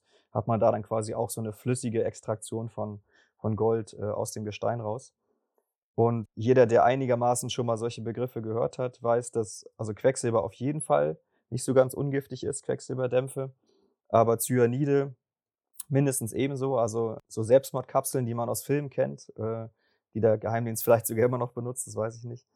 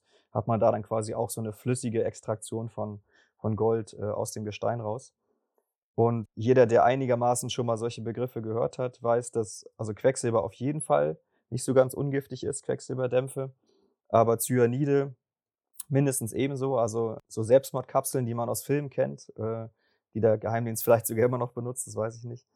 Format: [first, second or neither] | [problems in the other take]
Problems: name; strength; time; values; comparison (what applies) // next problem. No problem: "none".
neither | none